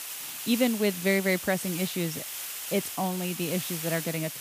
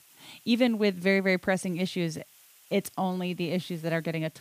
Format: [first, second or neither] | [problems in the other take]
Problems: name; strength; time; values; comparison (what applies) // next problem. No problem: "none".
second | hiss; loud; throughout; 5 dB below the speech; faint in the second